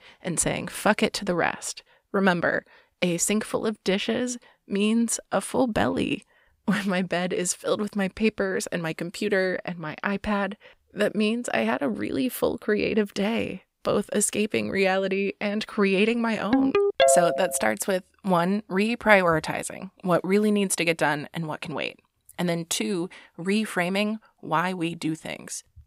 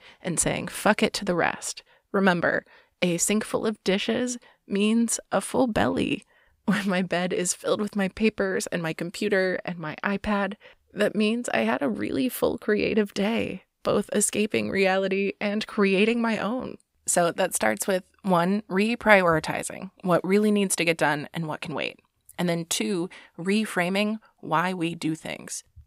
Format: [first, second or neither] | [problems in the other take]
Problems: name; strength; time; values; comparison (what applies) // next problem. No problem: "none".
second | phone ringing; loud; at 17 s; peak 6 dB above the speech